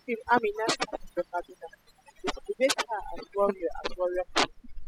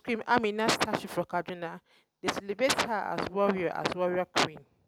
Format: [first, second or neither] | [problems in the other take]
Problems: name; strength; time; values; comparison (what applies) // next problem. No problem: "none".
second | noise reduction (classical method spectral subtraction)